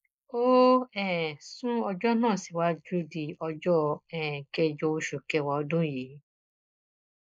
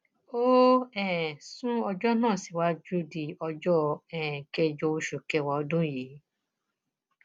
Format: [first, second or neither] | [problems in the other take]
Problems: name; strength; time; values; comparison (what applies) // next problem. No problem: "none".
second | noise reduction (neural mask model Resemble Enhance denoiser)